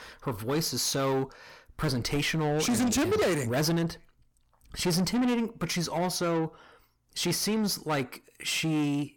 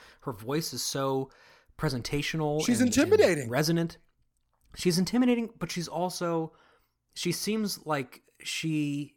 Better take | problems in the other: second | distortion; heavy; 7 dB below the speech

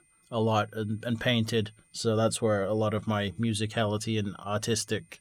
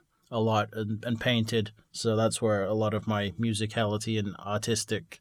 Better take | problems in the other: second | high-pitched whine; faint; throughout; 9 kHz, 35 dB below the speech

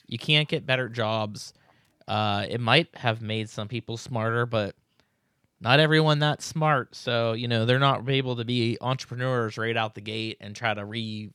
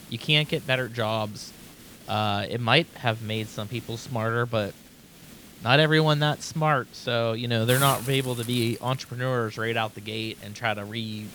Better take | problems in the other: first | hiss; noticeable; throughout; 15 dB below the speech

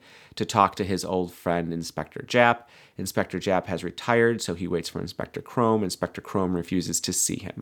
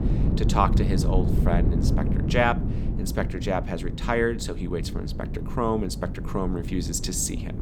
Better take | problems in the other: first | wind noise on the microphone; heavy; 9 dB below the speech

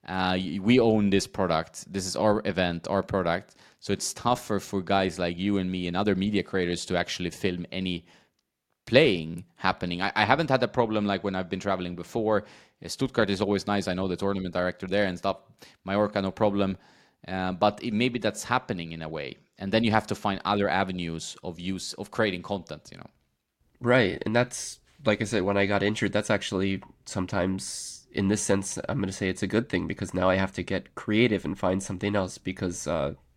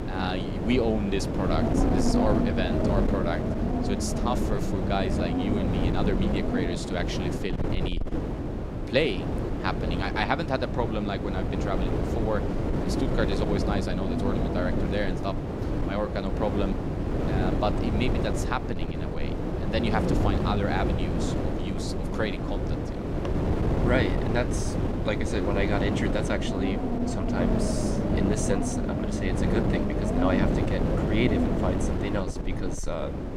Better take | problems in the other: first | wind noise on the microphone; heavy; 1 dB below the speech

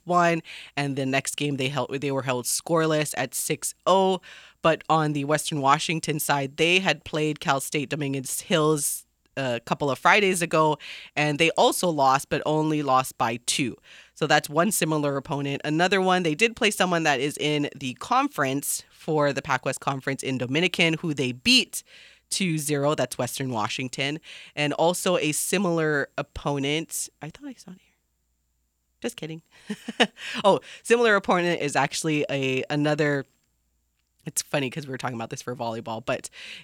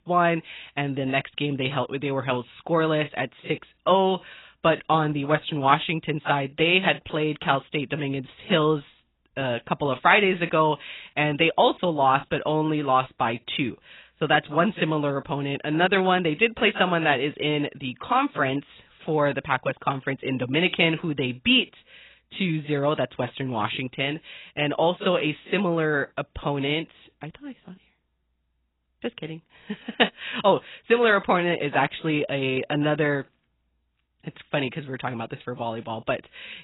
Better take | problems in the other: first | garbled, watery; badly; nothing above 4 kHz

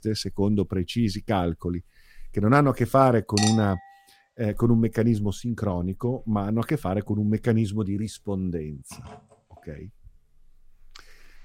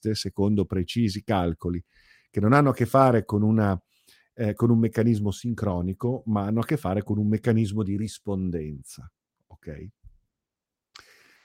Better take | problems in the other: second | household noises; loud; throughout; 9 dB below the speech

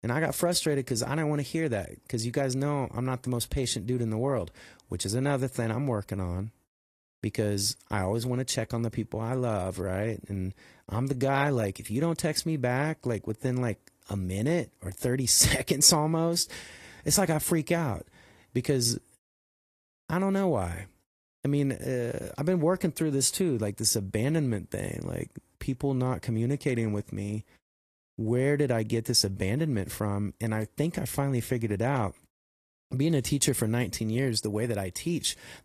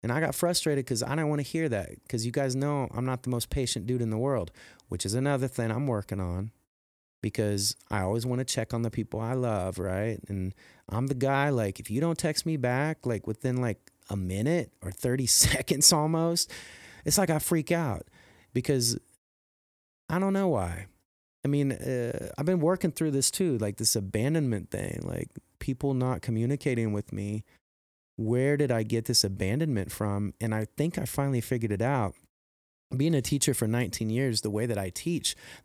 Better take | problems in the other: second | garbled, watery; slightly; nothing above 13 kHz

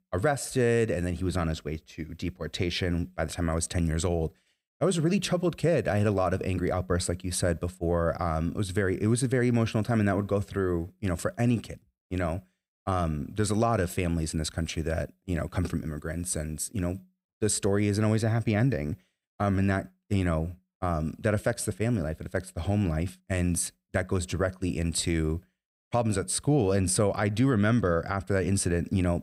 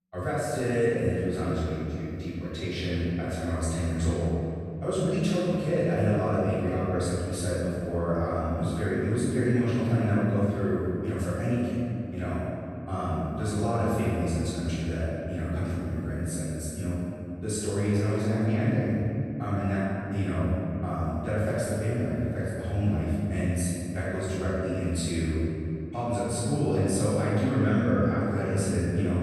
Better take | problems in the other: first | off-mic speech; far // room echo; strong; dies away in 2.9 s

